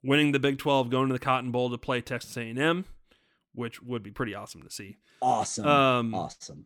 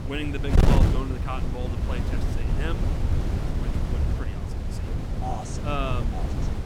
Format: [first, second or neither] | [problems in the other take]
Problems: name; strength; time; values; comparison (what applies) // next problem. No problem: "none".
first | wind noise on the microphone; heavy; 1 dB below the speech